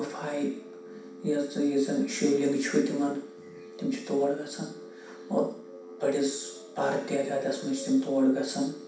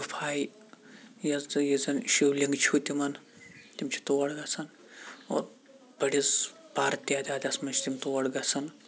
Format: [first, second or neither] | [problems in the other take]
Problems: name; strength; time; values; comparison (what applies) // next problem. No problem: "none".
second | background sound (Telephone); 17 dB below the speech // room echo; dies away in 0.6 s